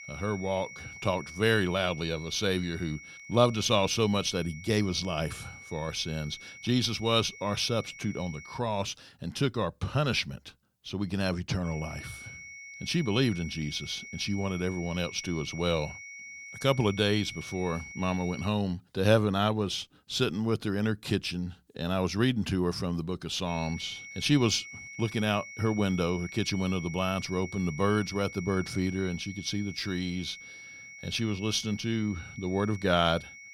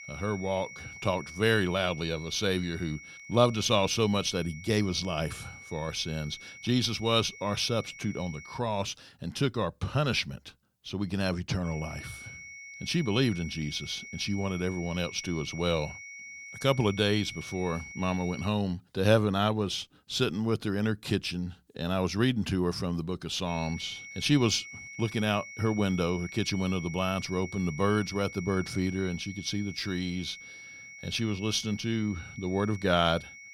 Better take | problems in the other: neither | high-pitched whine; noticeable; until 8.5 s, from 12 to 18 s and from 23 s on; 2 kHz, 15 dB below the speech; the same in both

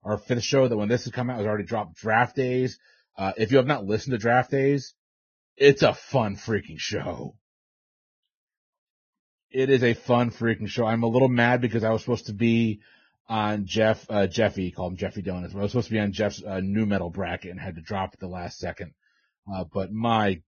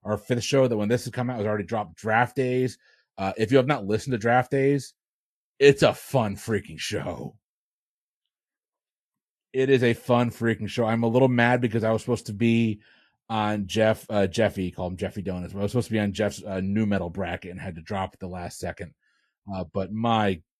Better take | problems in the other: second | garbled, watery; badly; nothing above 6.5 kHz; slightly in the second

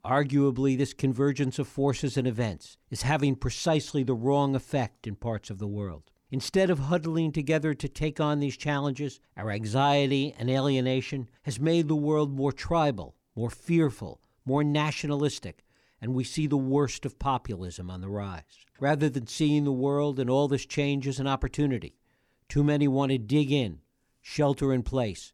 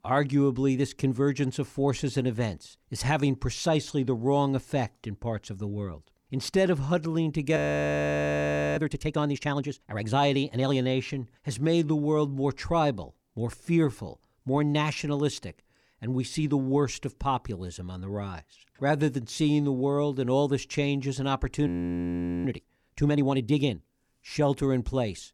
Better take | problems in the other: first | audio freezing; at 7.5 s for 1 s and at 22 s for 1 s

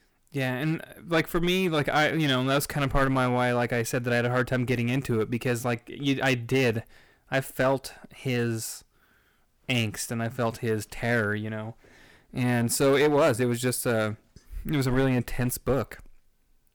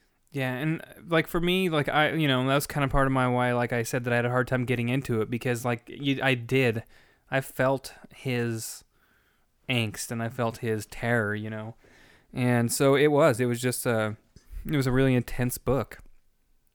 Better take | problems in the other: second | distortion; slight; 5% of the sound clipped

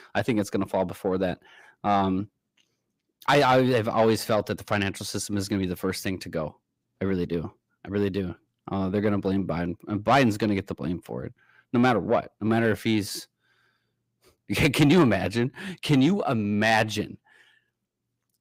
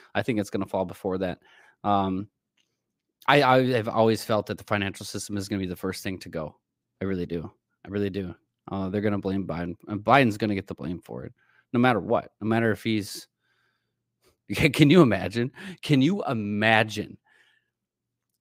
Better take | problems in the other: second | distortion; slight; 10 dB below the speech

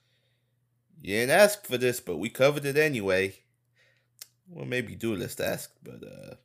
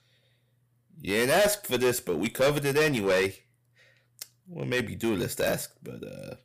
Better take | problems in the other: first | distortion; heavy; 7% of the sound clipped

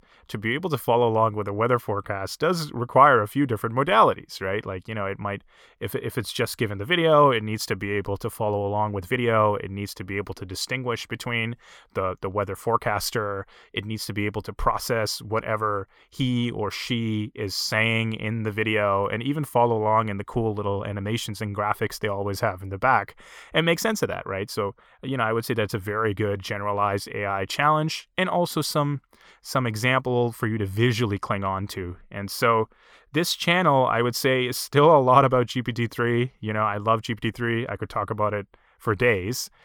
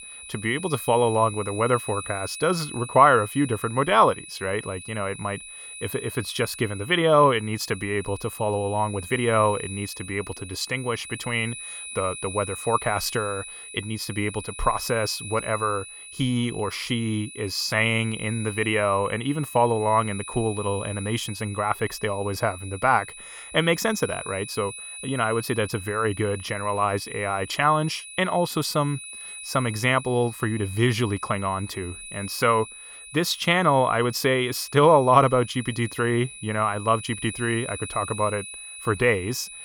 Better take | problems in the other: first | high-pitched whine; noticeable; throughout; 2.5 kHz, 10 dB below the speech

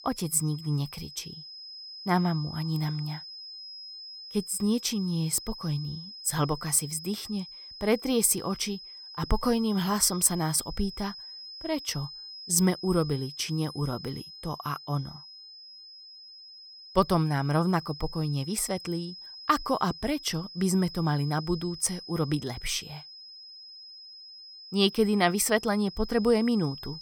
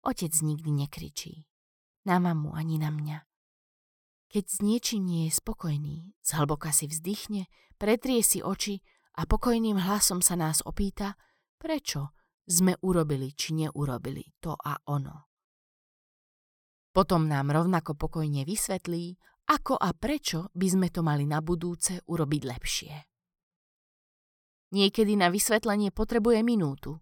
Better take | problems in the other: second | high-pitched whine; noticeable; throughout; 5 kHz, 15 dB below the speech

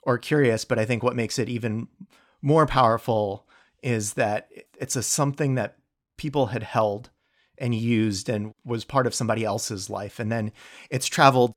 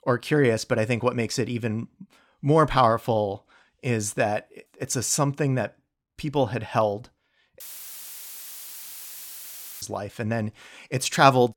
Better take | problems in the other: first | audio cutting out; filled with static; at 7.5 s for 2 s

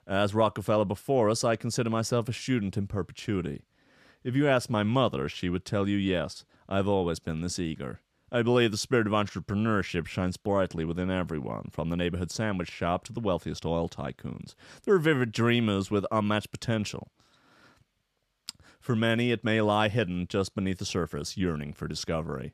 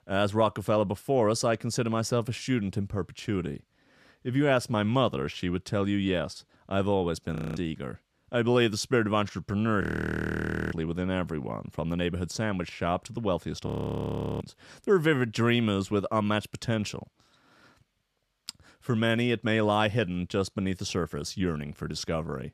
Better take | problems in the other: first | audio freezing; at 7.5 s, at 10 s for 1 s and at 14 s for 0.5 s

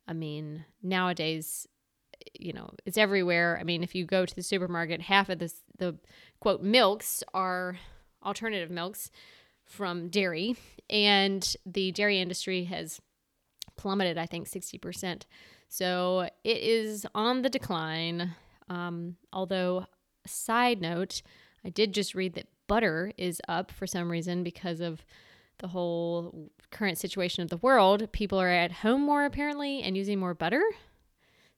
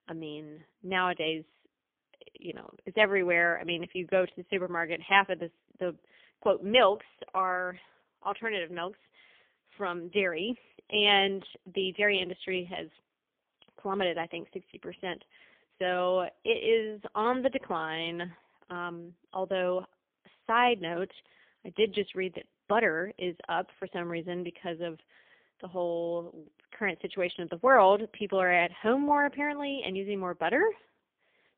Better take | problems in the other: first | phone-call audio; poor line; nothing above 3.5 kHz

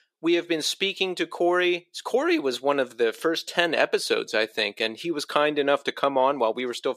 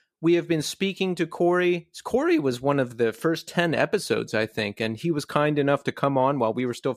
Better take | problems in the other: second | thin; somewhat; fading below 400 Hz

